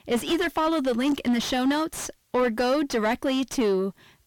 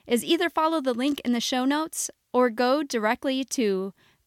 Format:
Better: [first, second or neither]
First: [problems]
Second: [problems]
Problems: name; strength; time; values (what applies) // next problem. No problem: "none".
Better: second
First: distortion; heavy; 6 dB below the speech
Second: none